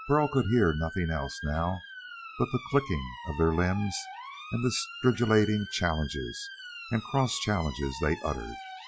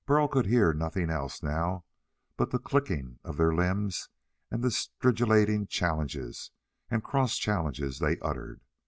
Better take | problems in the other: second | noise reduction (classical method Wiener filter)

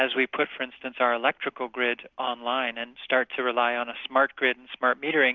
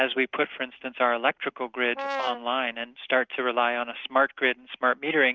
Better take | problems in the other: first | noise reduction (neural mask model RNNoise)

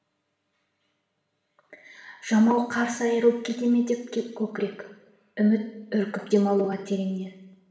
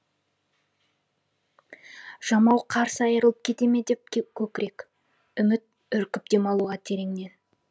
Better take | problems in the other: second | room echo; dies away in 0.9 s

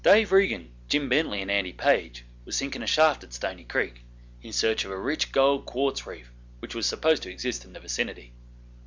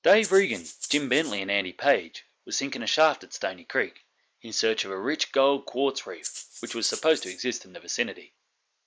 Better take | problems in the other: first | noise reduction (neural mask model Resemble Enhance denoiser)

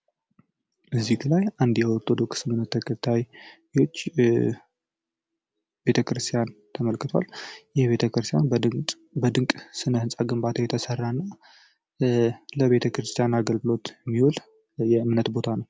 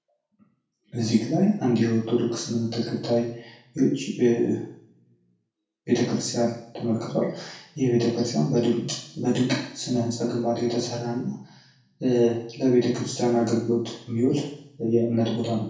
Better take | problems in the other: first | room echo; dies away in 0.6 s

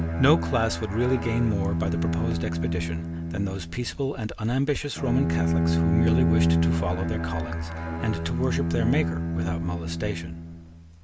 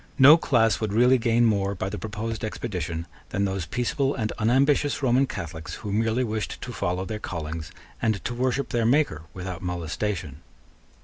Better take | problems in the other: second | background sound (Bowed string instrument); 2 dB above the speech

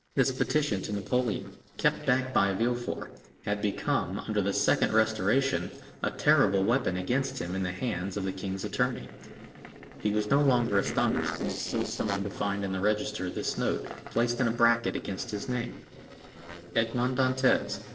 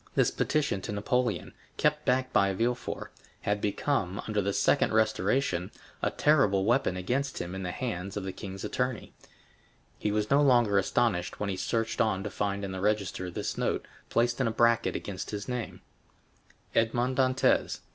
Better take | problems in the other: second | noise reduction (neural separator model SepFormer DNS4)

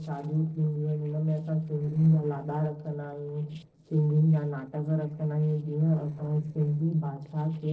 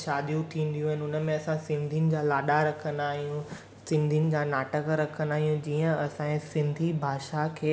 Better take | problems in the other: second | noise reduction (neural separator model SepFormer DNS4)

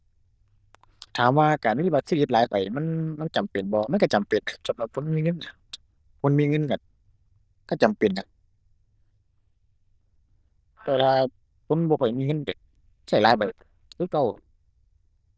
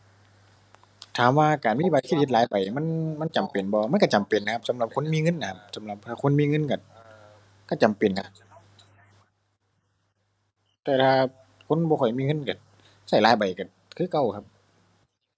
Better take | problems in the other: second | noise reduction (neural diffusion model UNIVERSE++)

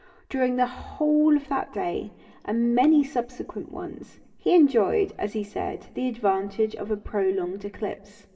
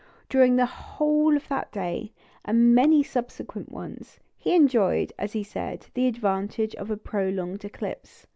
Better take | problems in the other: second | room echo; dies away in 1.9 s

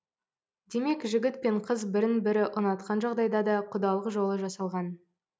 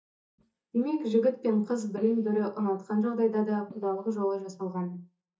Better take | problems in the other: first | noise reduction (neural mask model DeepFilterNet 3)

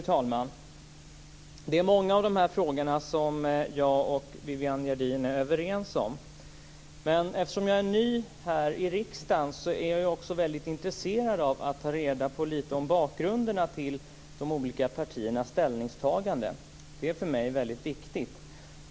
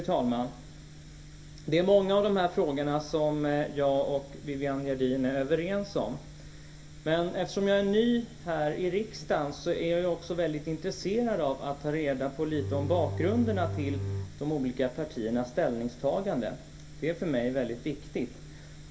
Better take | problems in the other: first | background sound (Bowed string instrument); 5 dB below the speech // room echo; dies away in 0.7 s

